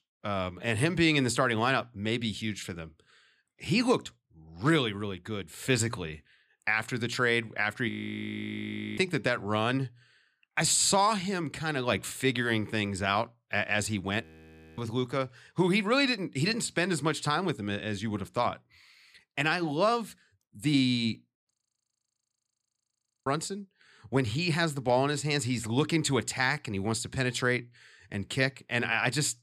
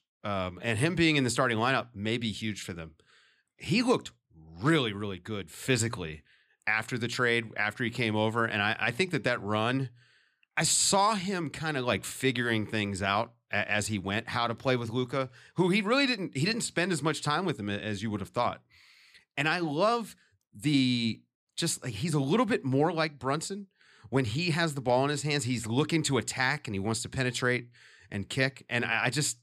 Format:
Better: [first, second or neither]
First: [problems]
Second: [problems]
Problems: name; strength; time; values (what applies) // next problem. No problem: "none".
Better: second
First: audio freezing; at 8 s for 1 s, at 14 s for 0.5 s and at 22 s for 1.5 s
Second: none